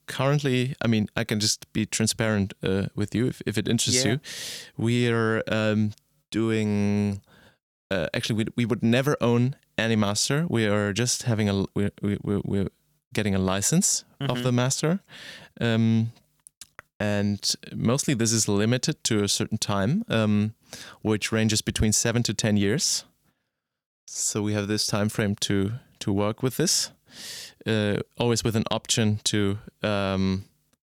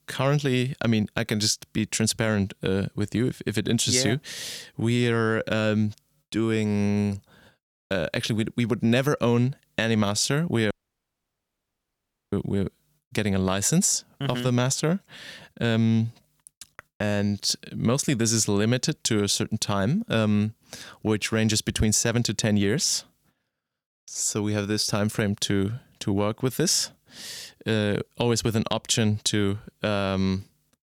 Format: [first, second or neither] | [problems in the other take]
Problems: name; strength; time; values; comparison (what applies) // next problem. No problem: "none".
first | audio cutting out; at 11 s for 1.5 s